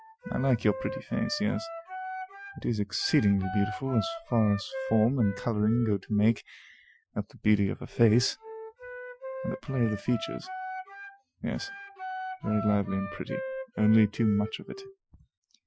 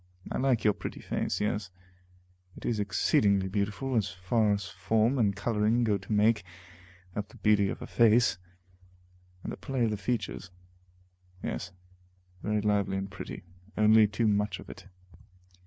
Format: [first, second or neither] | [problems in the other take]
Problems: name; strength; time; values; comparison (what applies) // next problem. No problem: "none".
second | noise reduction (classical method Wiener filter)